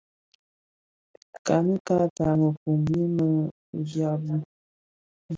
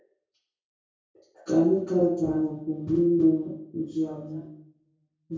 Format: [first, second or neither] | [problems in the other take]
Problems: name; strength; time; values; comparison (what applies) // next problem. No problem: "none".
first | room echo; dies away in 0.6 s